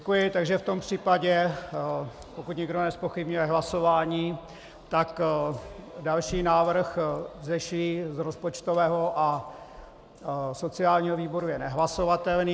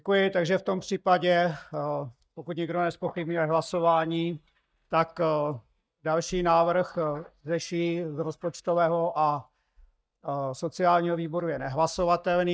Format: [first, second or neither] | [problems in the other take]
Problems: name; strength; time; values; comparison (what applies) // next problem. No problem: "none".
first | noise reduction (neural mask model DeepFilterNet 3)